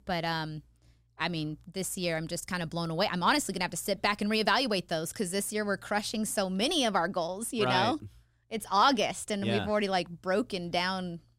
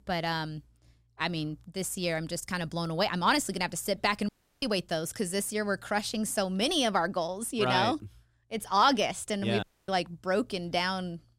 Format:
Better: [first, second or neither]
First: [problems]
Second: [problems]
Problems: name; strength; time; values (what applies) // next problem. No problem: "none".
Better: first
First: none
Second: audio cutting out; at 4.5 s and at 9.5 s